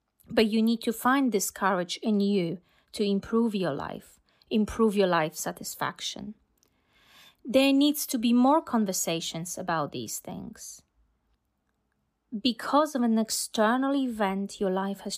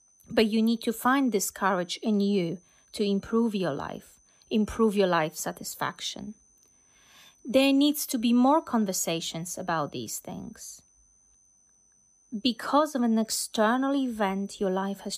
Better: first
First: none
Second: high-pitched whine; faint; throughout; 6 kHz, 35 dB below the speech

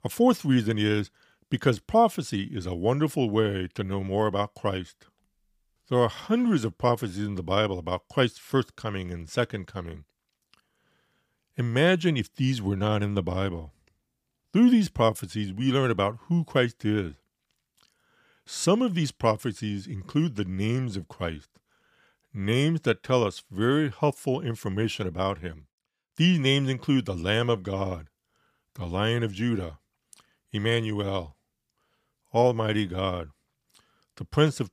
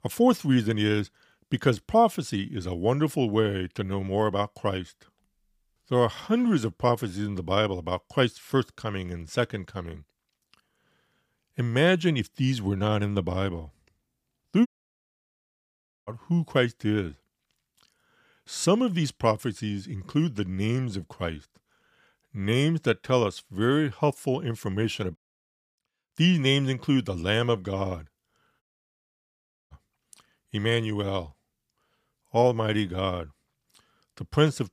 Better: first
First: none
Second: audio cutting out; at 15 s for 1.5 s, at 25 s for 0.5 s and at 29 s for 1 s

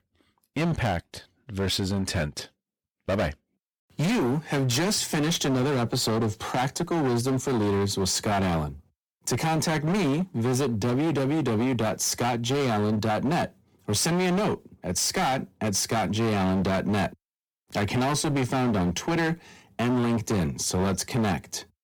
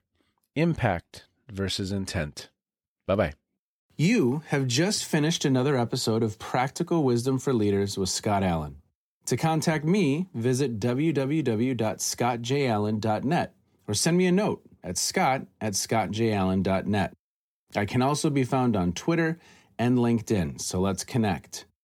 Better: second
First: distortion; heavy; 25% of the sound clipped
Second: none

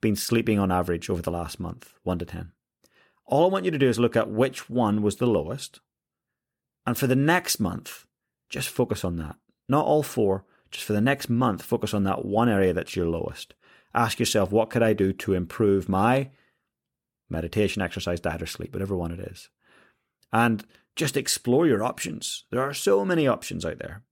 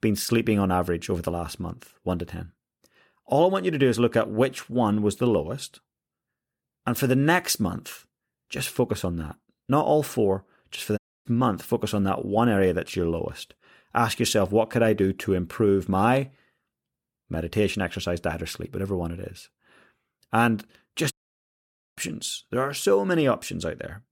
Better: first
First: none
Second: audio cutting out; at 11 s and at 21 s for 1 s

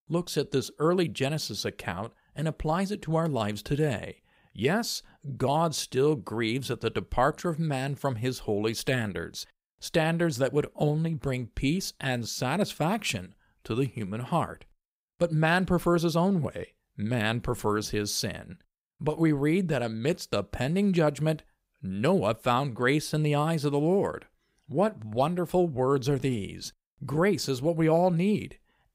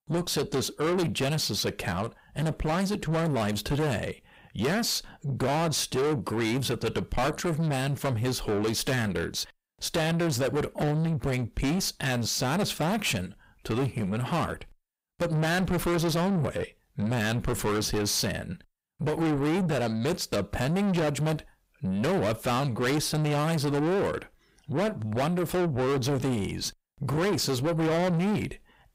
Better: first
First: none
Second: distortion; heavy; 6 dB below the speech

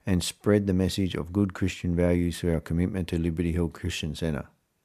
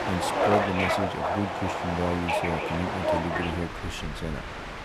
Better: first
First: none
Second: train or aircraft noise; very loud; throughout; 3 dB above the speech

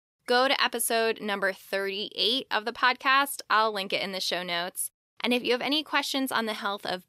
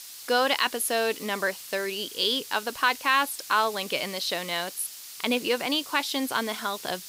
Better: first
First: none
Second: hiss; noticeable; throughout; 15 dB below the speech

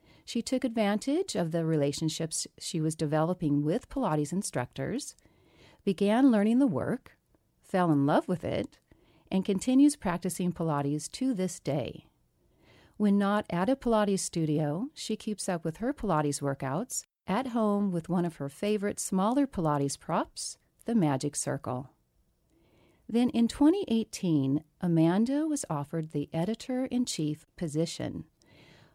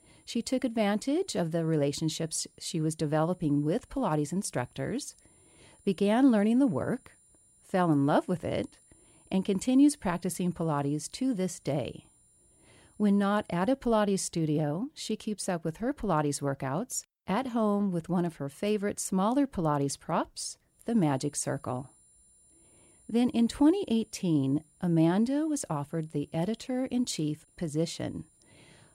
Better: first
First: none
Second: high-pitched whine; faint; until 14 s and from 21 s on; 9.5 kHz, 30 dB below the speech

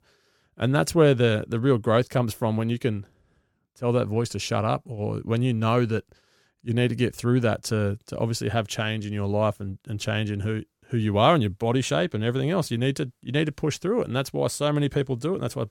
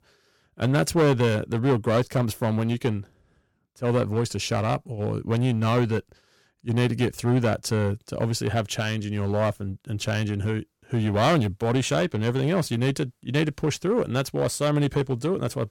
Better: first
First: none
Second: distortion; slight; 6% of the sound clipped

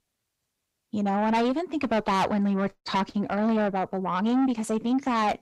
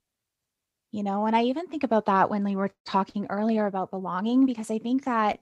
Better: second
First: distortion; heavy; 8 dB below the speech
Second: none

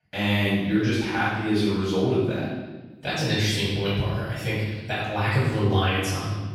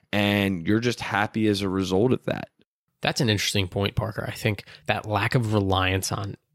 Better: second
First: off-mic speech; far // room echo; strong; dies away in 1.2 s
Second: none

